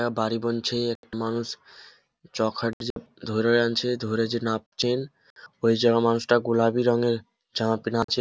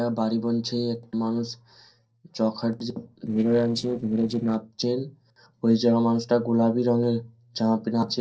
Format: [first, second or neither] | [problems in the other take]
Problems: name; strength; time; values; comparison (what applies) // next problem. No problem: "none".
first | noise reduction (neural separator model SepFormer DNS4)